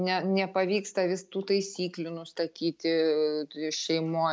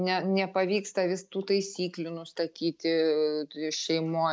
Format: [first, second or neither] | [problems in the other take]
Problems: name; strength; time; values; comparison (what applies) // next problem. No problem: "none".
first | noise reduction (neural mask model Resemble Enhance denoiser)